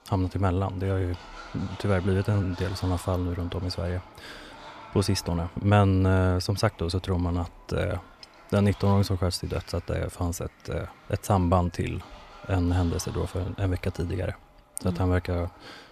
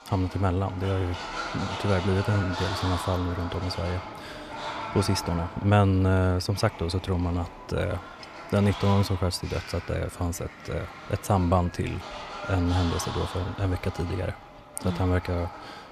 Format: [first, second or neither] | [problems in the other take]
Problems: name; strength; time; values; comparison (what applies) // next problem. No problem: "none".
first | animal sounds; loud; throughout; 10 dB below the speech; faint in the first